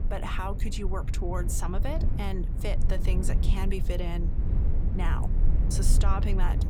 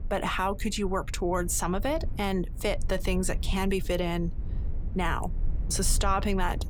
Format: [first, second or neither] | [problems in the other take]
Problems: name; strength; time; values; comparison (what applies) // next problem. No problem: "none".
second | low rumble; loud; throughout; 8 dB below the speech; faint in the second